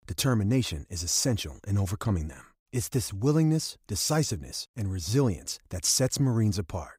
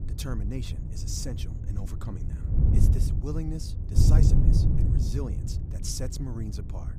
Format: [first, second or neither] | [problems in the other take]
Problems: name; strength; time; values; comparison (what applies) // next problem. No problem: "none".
first | wind noise on the microphone; heavy; 1 dB below the speech